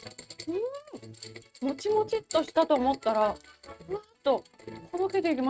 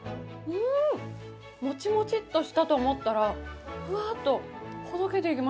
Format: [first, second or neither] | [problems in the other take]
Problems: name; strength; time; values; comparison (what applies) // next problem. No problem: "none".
second | noise reduction (neural mask model RNNoise)